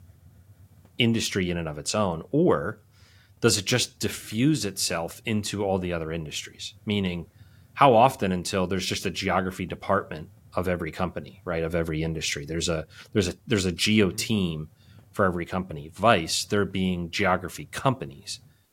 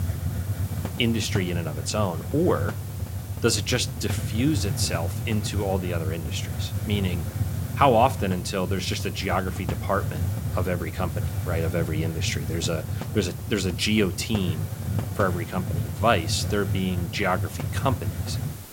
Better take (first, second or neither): first